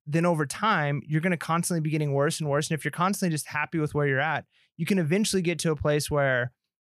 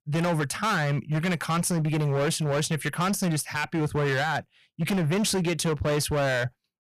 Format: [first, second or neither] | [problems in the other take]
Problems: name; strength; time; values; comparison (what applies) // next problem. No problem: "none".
first | distortion; heavy; 24% of the sound clipped